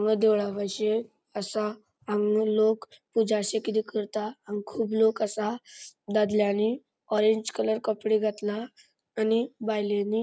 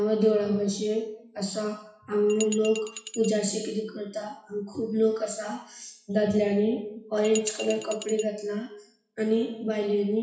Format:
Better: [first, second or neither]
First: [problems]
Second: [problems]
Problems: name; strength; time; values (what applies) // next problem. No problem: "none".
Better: first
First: none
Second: noise reduction (classical method WPE with log-MMSE)